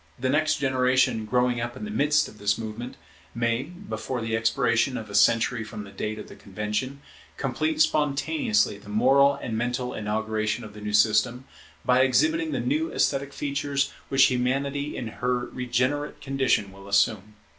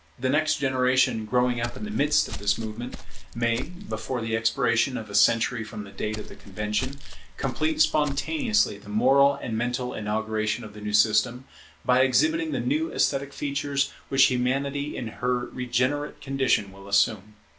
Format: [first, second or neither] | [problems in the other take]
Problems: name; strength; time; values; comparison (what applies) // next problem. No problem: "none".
first | background sound (Walk, footsteps); 6 dB below the speech